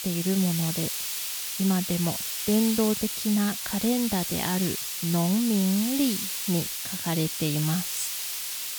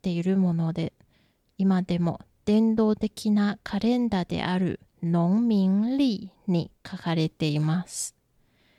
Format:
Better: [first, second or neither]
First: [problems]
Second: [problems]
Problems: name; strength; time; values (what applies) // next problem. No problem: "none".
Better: second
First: hiss; loud; throughout; 2 dB below the speech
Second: none